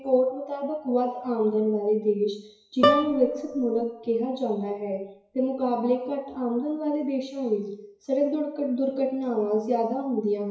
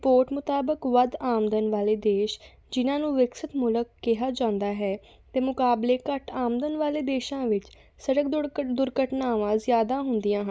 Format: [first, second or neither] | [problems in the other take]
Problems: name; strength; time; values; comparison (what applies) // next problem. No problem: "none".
second | noise reduction (classical method WPE with log-MMSE)